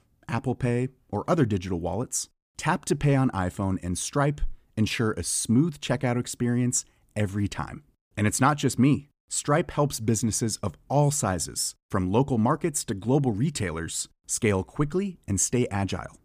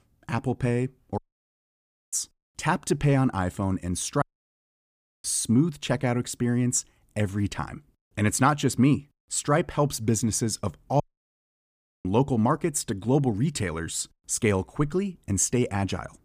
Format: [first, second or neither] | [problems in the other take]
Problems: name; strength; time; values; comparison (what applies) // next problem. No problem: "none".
first | audio cutting out; at 1 s for 1 s, at 4 s for 1 s and at 11 s for 1 s